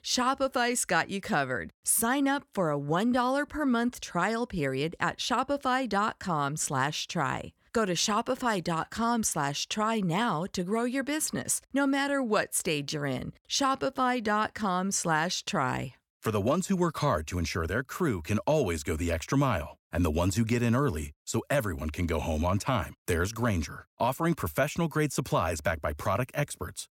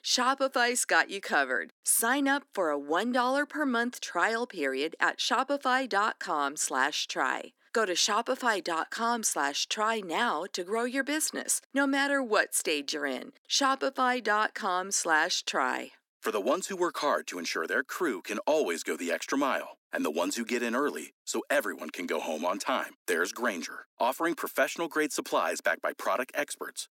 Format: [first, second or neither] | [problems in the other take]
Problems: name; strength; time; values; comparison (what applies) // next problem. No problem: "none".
first | thin; very slightly; fading below 250 Hz